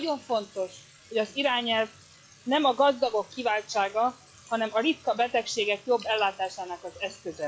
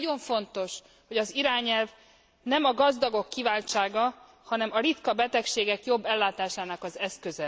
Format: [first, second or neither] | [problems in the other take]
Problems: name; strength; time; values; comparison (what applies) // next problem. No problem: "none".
second | noise reduction (classical method log-MMSE)